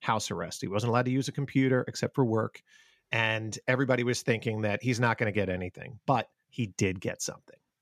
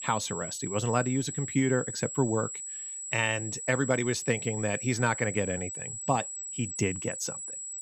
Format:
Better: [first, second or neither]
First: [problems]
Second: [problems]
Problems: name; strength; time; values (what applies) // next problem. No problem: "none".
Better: first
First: none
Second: high-pitched whine; loud; throughout; 8 kHz, 6 dB below the speech